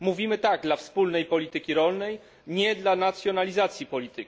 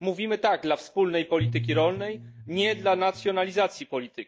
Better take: first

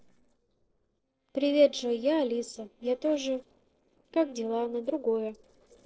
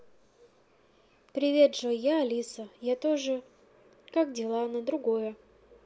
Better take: second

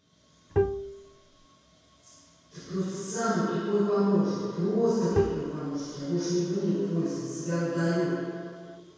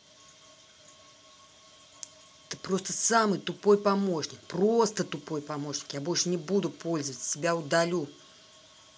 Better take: second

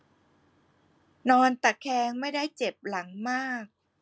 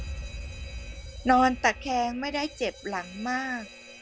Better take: first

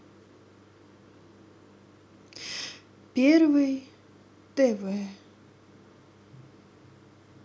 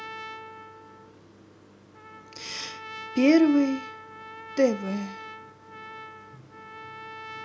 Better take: first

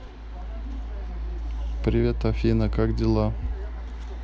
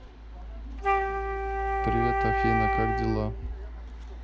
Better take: first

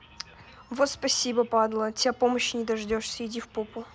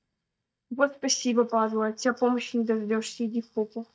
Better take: first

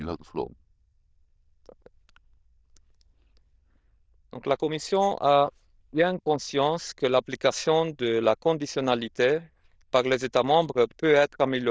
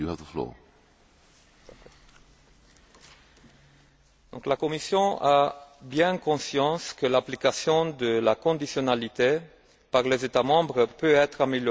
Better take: second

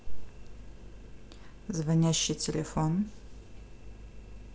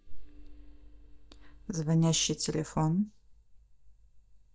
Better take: first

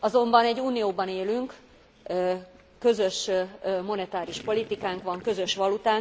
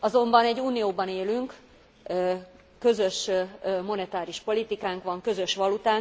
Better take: second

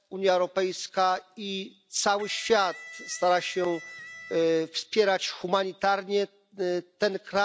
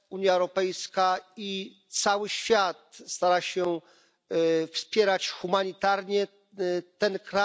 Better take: second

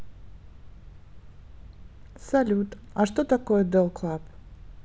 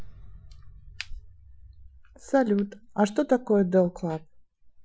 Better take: first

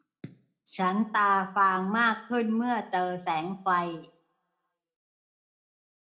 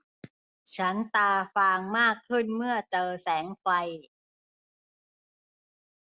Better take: second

